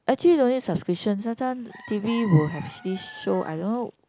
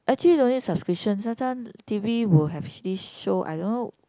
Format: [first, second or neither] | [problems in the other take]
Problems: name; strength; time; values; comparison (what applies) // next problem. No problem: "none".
second | background sound (Chicken, rooster); 18 dB below the speech